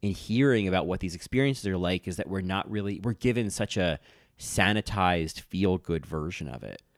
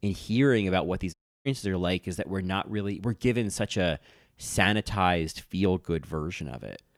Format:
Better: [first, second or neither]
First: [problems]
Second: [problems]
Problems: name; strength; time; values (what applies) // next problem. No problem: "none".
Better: first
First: none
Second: audio cutting out; at 1 s